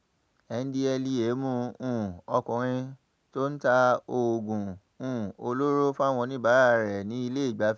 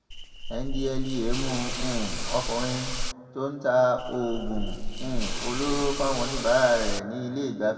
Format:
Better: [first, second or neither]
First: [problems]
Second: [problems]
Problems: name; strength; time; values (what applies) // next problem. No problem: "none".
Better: first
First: none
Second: background sound (Hiss / Insect); 1 dB below the speech // room echo; dies away in 1.6 s